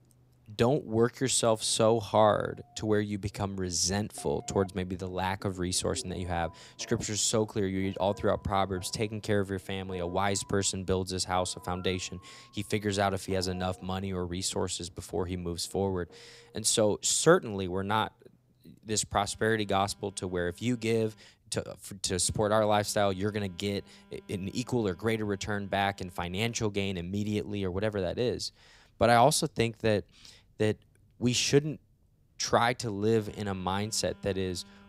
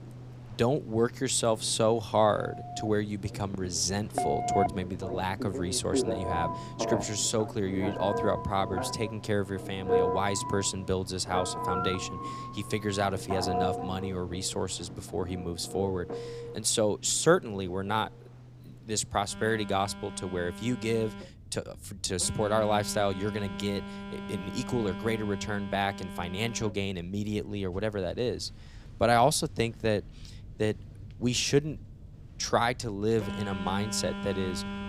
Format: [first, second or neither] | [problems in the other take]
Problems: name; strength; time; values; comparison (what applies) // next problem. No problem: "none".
first | alarms or sirens; loud; throughout; 7 dB below the speech; faint in the first